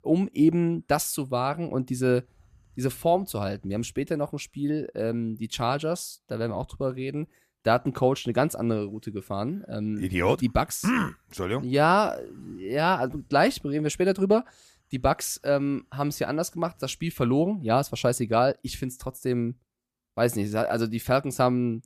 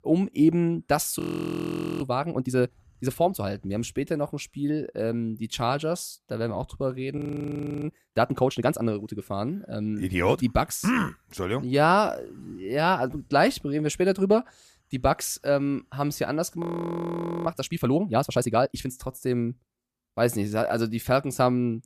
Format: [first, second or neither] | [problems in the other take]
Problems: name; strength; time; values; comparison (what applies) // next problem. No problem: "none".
first | audio freezing; at 1 s for 1 s, at 7 s for 0.5 s and at 17 s for 1 s